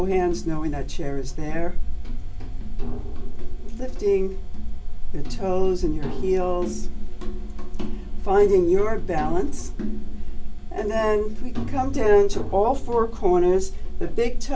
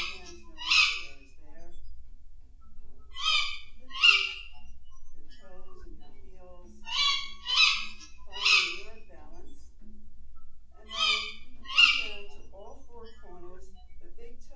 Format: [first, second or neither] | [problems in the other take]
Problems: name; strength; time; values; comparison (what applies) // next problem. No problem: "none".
first | background sound (Bird vocalization, bird call, bird song); 5 dB above the speech // room echo; dies away in 0.2 s